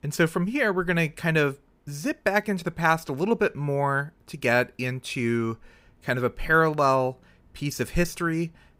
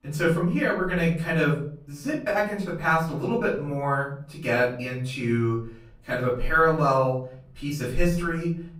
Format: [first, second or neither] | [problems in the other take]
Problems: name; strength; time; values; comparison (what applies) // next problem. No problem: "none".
first | off-mic speech; far // room echo; slight; dies away in 0.6 s